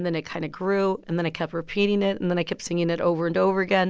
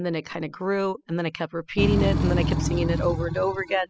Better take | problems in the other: first | noise reduction (classical method spectral subtraction)

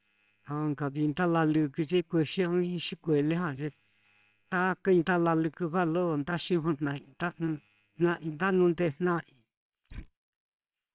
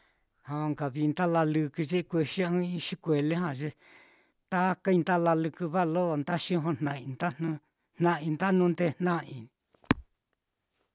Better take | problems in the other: second | noise reduction (neural separator model SepFormer WHAMR!)

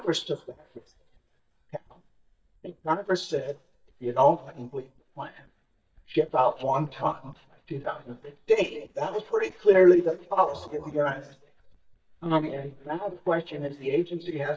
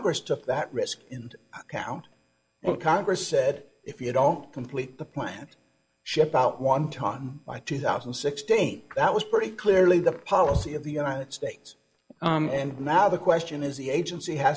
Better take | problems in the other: second | noise reduction (neural mask model DeepFilterNet 3)

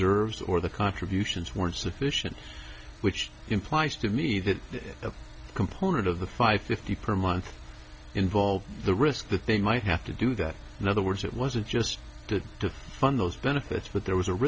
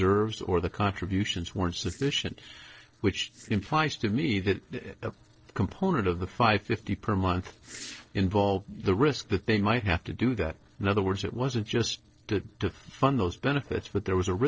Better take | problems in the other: first | noise reduction (neural separator model SepFormer DNS4)

